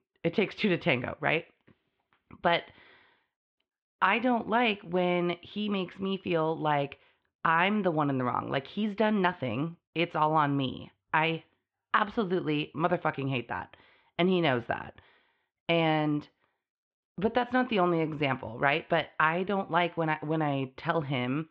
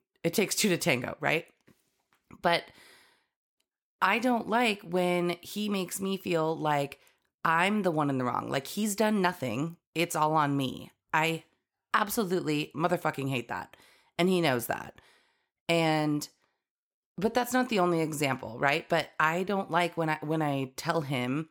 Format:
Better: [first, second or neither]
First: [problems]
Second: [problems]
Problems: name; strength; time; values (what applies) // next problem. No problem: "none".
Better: second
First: muffled; very; fading above 3.5 kHz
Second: none